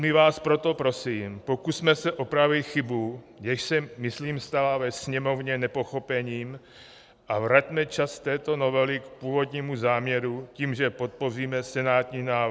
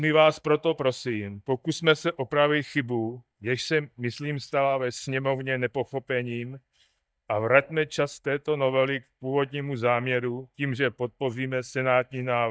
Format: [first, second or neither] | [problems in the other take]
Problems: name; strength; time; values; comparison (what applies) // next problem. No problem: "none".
first | noise reduction (neural mask model DeepFilterNet 3)